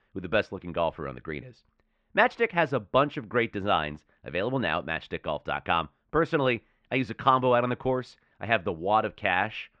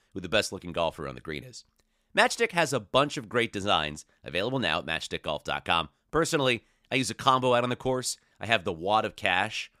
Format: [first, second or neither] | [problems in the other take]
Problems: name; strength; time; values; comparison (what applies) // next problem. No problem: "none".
second | muffled; very; fading above 2.5 kHz